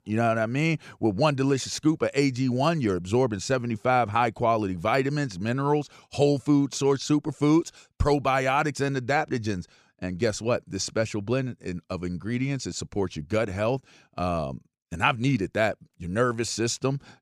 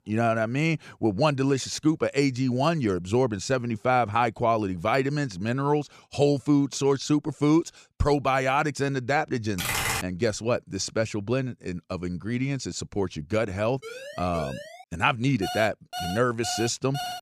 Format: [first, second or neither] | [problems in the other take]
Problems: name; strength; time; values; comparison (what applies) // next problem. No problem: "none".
first | keyboard typing; loud; at 9.5 s; peak 1 dB above the speech // siren; faint; from 14 to 15 s; peak 15 dB below the speech // alarm; noticeable; from 15 s on; peak 8 dB below the speech